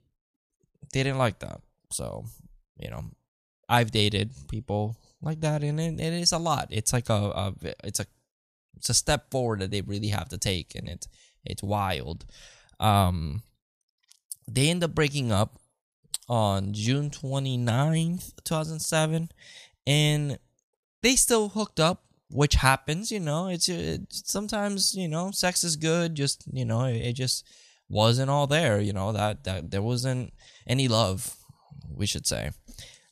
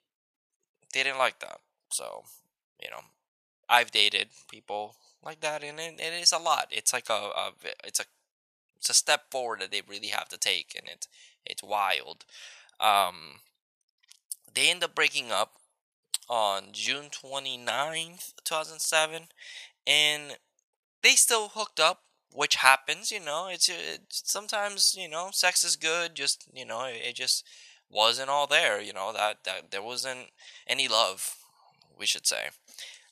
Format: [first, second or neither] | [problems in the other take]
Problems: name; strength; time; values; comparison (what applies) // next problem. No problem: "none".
first | thin; very; fading below 800 Hz